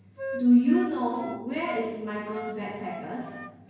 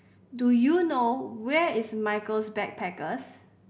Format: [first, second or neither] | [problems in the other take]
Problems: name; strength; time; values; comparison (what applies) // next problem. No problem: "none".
second | background sound (Wind instrument, woodwind instrument); 14 dB below the speech // room echo; dies away in 1 s